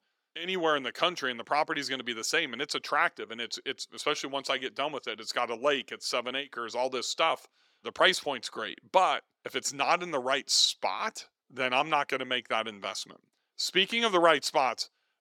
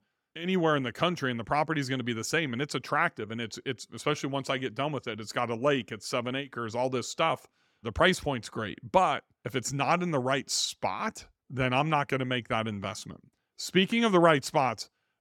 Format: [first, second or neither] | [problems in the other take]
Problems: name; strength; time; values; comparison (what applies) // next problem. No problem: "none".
second | thin; somewhat; fading below 400 Hz